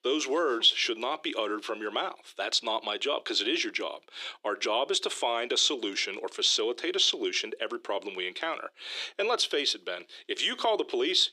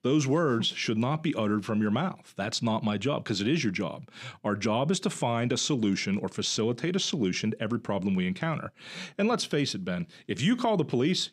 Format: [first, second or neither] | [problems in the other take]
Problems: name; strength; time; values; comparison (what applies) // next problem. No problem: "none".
second | thin; very; fading below 350 Hz